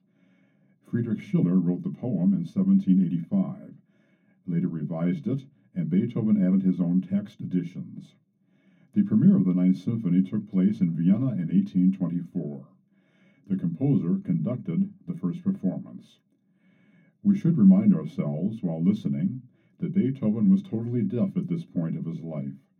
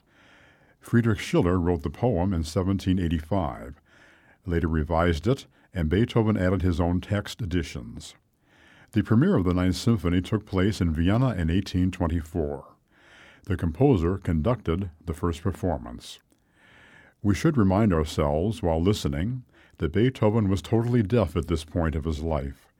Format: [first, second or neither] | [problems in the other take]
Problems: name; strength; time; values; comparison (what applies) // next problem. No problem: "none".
second | room echo; very slight; dies away in 0.3 s // off-mic speech; far